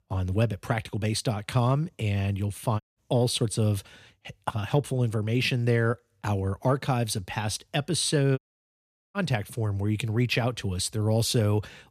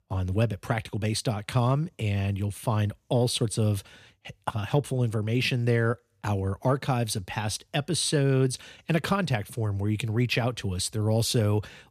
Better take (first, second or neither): second